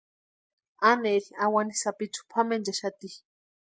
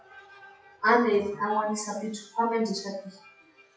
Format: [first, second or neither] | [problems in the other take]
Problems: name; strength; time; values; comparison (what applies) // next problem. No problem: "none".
first | noise reduction (classical method WPE with log-MMSE)